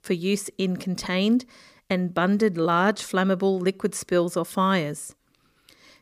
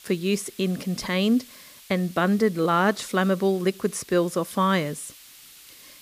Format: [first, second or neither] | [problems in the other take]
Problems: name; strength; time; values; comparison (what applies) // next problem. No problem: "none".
first | hiss; faint; throughout; 20 dB below the speech